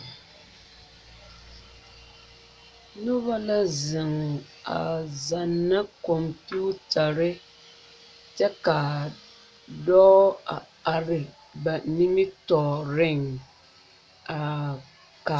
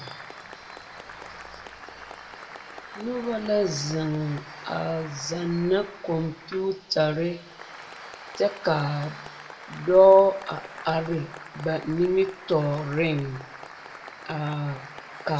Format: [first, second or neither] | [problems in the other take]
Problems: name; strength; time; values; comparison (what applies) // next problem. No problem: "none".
first | background sound (Applause); 16 dB below the speech // room echo; dies away in 0.5 s